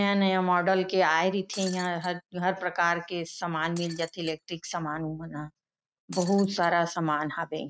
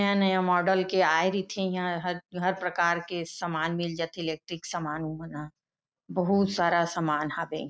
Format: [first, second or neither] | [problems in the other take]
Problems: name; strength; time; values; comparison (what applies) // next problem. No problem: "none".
second | noise reduction (neural mask model RNNoise)